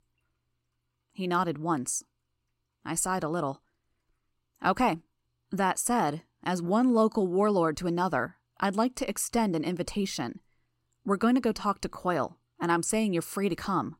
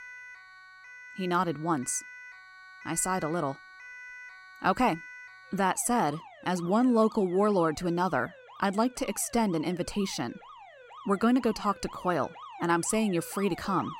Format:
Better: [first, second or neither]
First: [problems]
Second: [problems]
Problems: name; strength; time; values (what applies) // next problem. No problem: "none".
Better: first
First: none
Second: alarms or sirens; noticeable; throughout; 20 dB below the speech